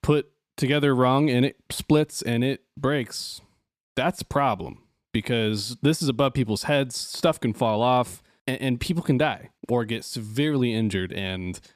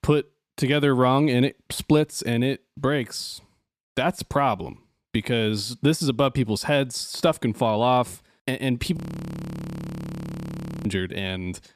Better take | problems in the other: first | audio freezing; at 9 s for 2 s

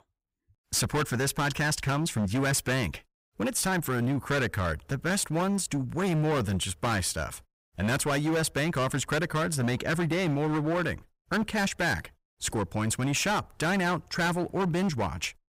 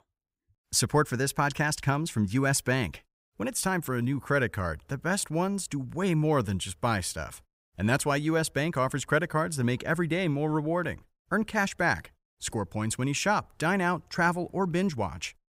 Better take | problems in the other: second | distortion; heavy; 19% of the sound clipped

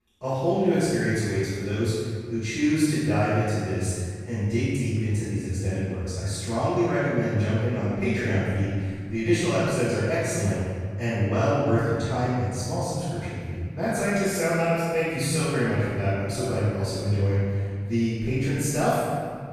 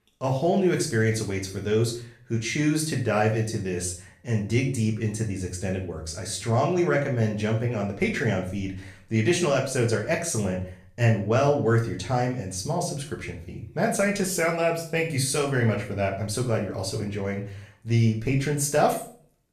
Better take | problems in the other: second | room echo; strong; dies away in 1.8 s; slight in the second // off-mic speech; far; far in the second

